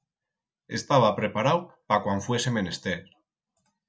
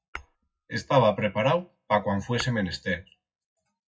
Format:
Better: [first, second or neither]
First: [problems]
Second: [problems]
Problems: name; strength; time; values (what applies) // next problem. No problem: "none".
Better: first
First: none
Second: noise reduction (classical method WPE with log-MMSE)